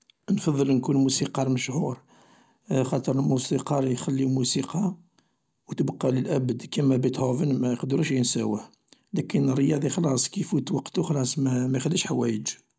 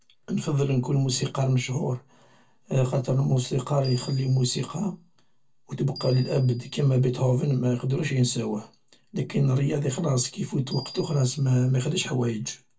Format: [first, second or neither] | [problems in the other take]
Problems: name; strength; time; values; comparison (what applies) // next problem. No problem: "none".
first | background sound (Bell); 20 dB below the speech // room echo; dies away in 0.1 s